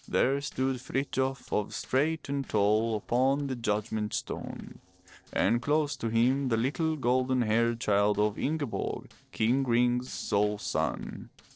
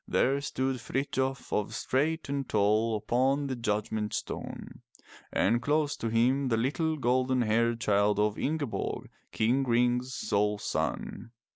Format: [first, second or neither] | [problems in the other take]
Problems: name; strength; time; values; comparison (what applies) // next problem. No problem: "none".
second | noise reduction (neural separator model SepFormer DNS4)